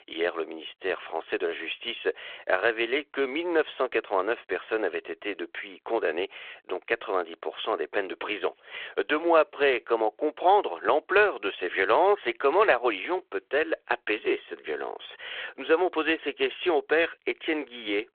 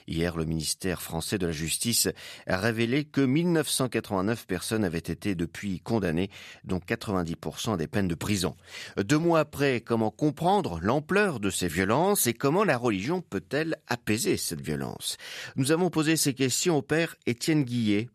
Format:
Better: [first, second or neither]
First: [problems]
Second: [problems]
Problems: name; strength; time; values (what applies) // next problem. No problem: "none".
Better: second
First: phone-call audio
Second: none